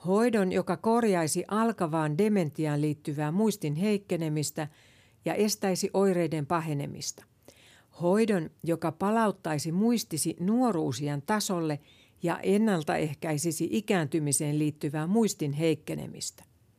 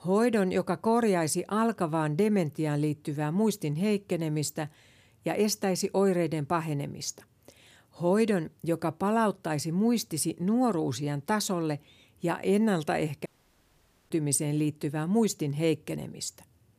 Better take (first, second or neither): first